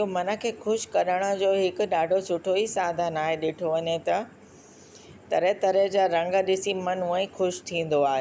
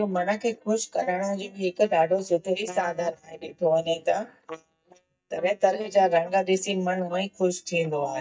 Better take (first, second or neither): first